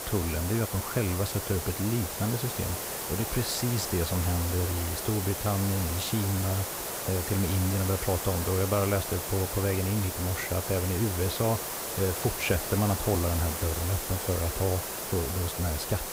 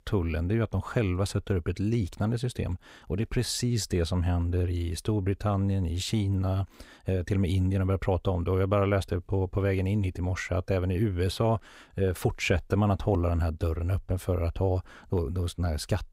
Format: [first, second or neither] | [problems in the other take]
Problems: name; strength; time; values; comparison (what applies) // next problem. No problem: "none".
second | hiss; loud; throughout; 3 dB below the speech